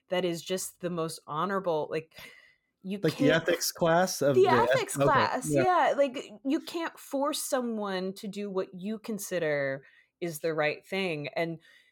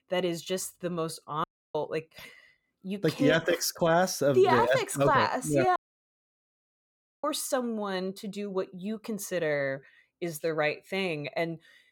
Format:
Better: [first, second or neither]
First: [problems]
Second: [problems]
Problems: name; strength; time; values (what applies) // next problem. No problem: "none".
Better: first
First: none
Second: audio cutting out; at 1.5 s and at 6 s for 1.5 s